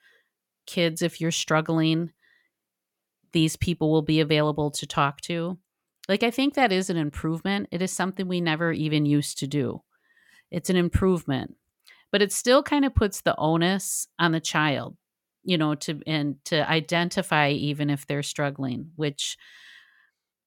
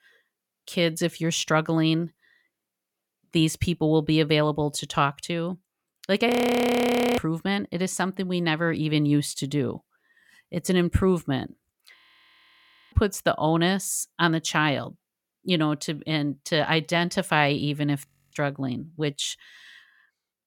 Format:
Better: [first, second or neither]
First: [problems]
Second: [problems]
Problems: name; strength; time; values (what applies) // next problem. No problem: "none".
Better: first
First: none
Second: audio freezing; at 6.5 s for 1 s, at 12 s for 1 s and at 18 s